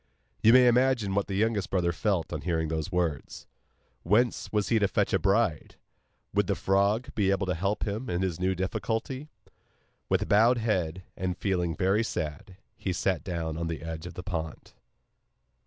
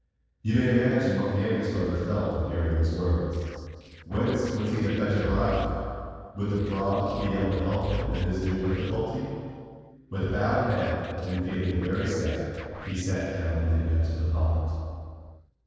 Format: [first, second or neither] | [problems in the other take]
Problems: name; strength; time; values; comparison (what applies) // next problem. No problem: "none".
first | noise reduction (neural separator model SepFormer DNS4)